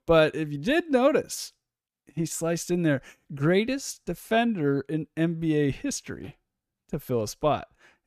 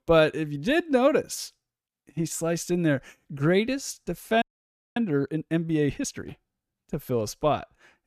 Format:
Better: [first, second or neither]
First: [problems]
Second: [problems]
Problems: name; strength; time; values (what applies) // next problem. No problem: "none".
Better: first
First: none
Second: audio freezing; at 4.5 s for 0.5 s